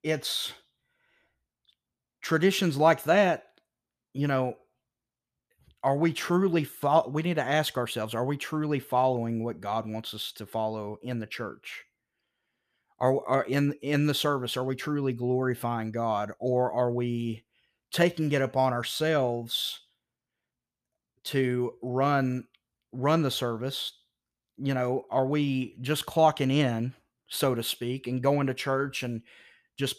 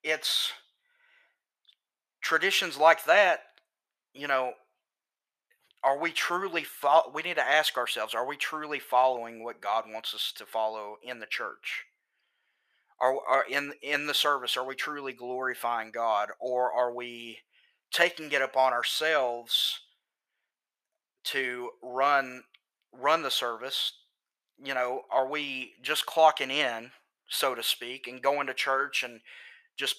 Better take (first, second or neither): first